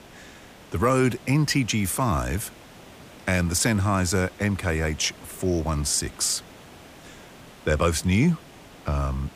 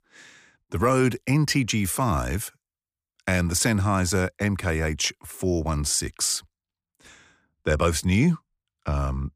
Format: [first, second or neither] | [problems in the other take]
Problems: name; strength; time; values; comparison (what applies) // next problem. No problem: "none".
second | hiss; faint; throughout; 20 dB below the speech